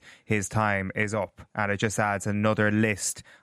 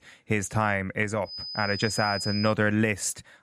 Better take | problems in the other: first | high-pitched whine; loud; from 1.5 to 2.5 s; 5 kHz, 7 dB below the speech

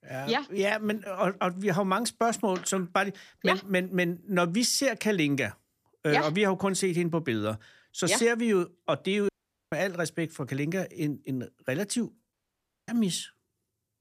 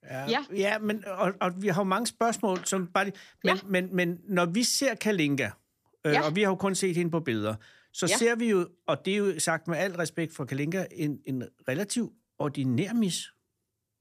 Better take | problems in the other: second | audio cutting out; at 9.5 s and at 12 s for 0.5 s

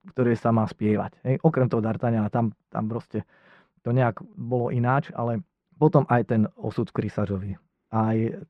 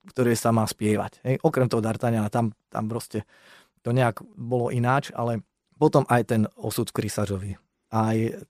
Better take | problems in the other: second | muffled; very; fading above 2 kHz

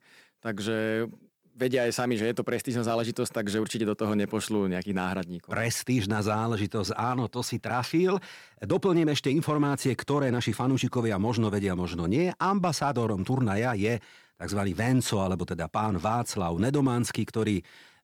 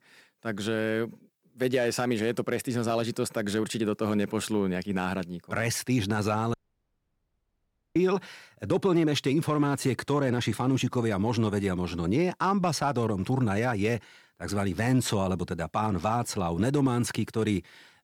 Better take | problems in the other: first | audio cutting out; at 6.5 s for 1.5 s

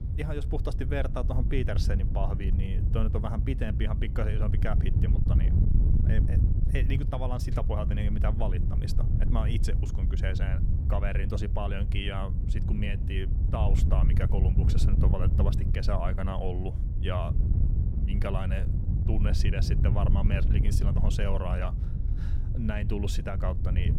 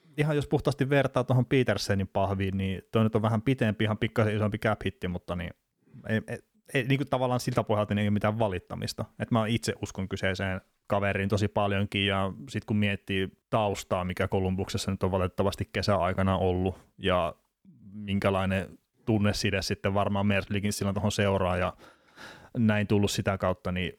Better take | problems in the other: second | wind noise on the microphone; heavy; 6 dB below the speech

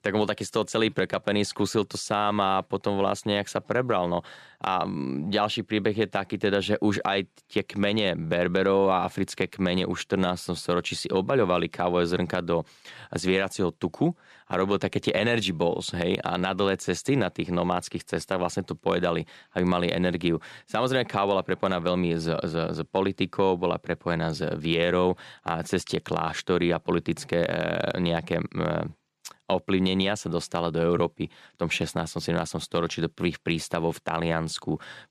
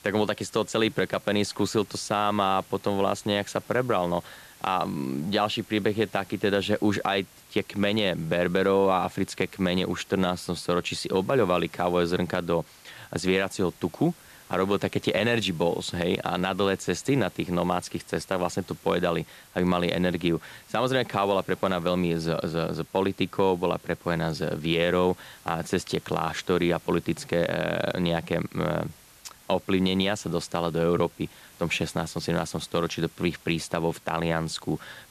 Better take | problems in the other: first | hiss; faint; throughout; 25 dB below the speech

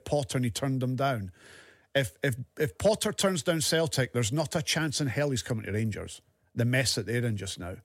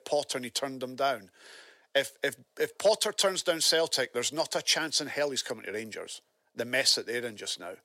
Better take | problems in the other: first | thin; somewhat; fading below 450 Hz

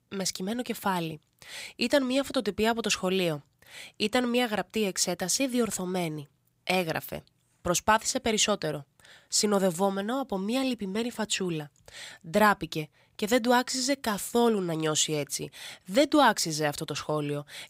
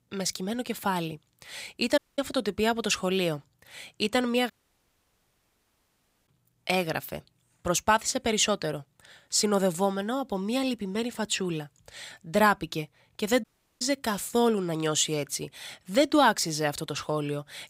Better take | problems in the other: first | audio cutting out; at 2 s, at 4.5 s for 2 s and at 13 s

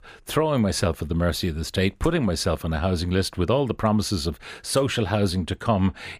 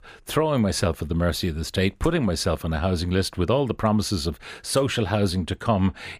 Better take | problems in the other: neither | none

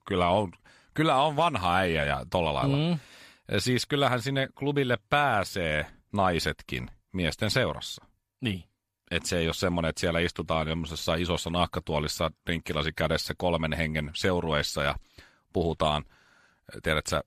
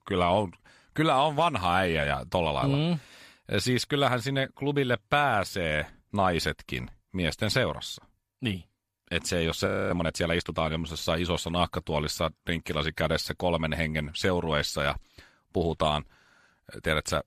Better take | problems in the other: first | audio freezing; at 9.5 s

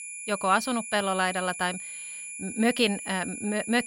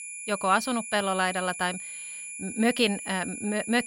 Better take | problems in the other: neither | high-pitched whine; loud; throughout; 10.5 kHz, 8 dB below the speech; the same in both

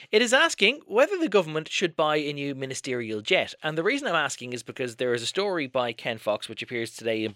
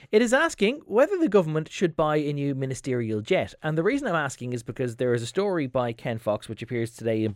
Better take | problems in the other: second | thin; very slightly; fading below 850 Hz

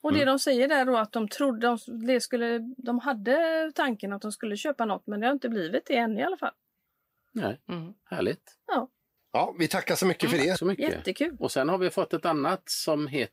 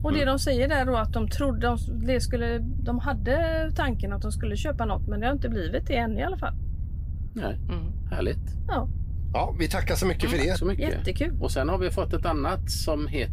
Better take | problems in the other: first | low rumble; noticeable; throughout; 20 dB below the speech

